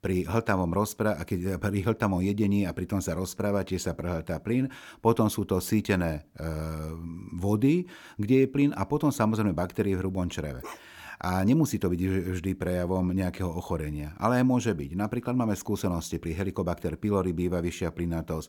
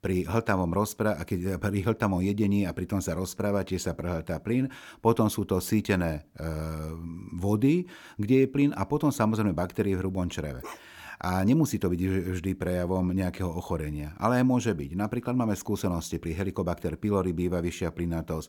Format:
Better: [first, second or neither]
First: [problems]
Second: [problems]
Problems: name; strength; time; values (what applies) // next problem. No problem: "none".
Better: neither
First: dog barking; faint; at 11 s; peak 15 dB below the speech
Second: dog barking; faint; at 11 s; peak 15 dB below the speech